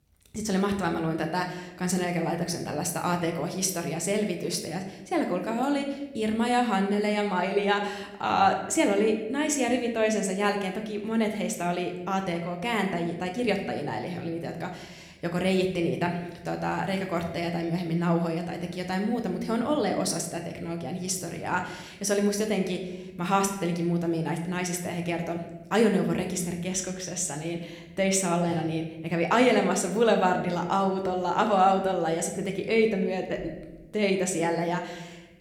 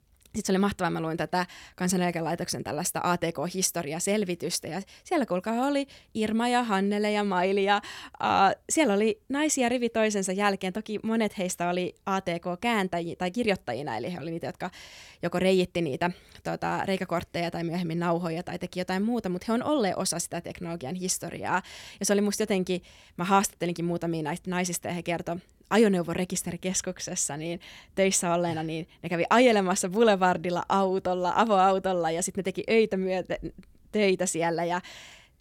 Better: second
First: room echo; slight; dies away in 0.8 s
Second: none

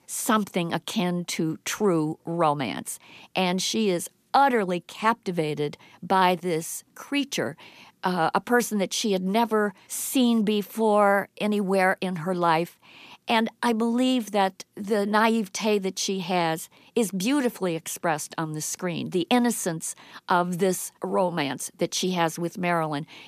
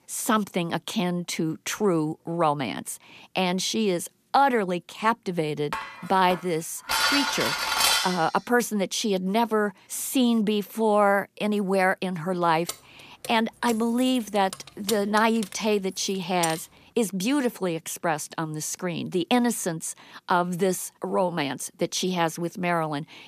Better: first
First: none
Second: clattering dishes; loud; from 5.5 to 8 s; peak 5 dB above the speech // jangling keys; noticeable; from 13 to 17 s; peak 6 dB below the speech

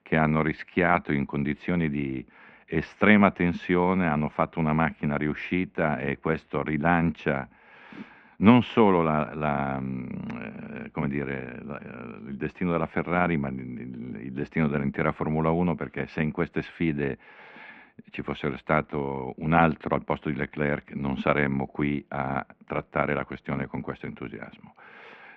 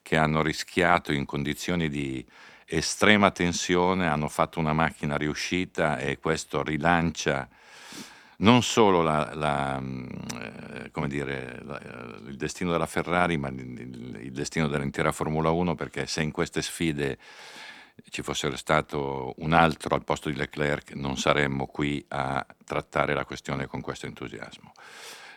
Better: second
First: muffled; very; fading above 2.5 kHz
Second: none

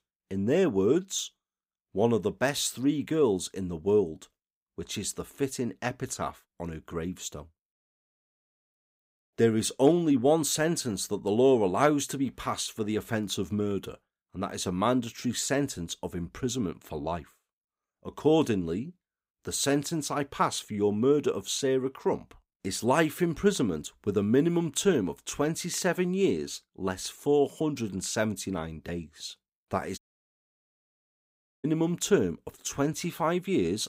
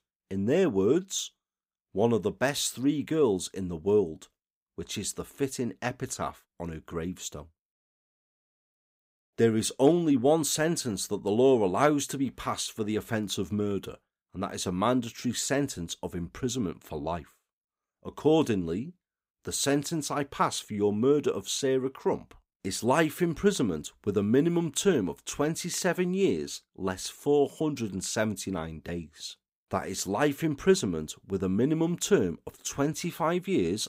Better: second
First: audio cutting out; at 30 s for 1.5 s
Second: none

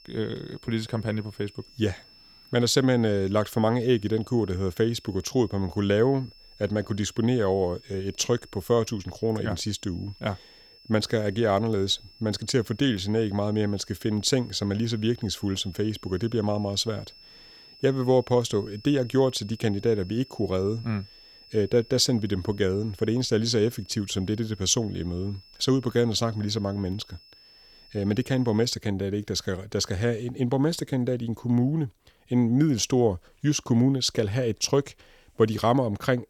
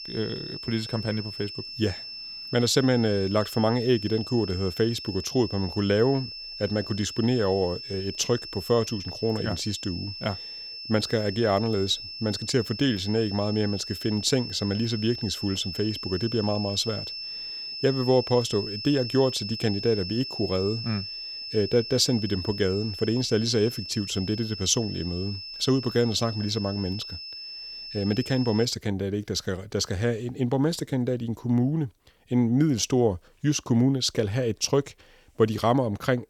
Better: first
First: high-pitched whine; faint; until 29 s; 5.5 kHz, 25 dB below the speech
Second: high-pitched whine; loud; until 29 s; 5.5 kHz, 8 dB below the speech

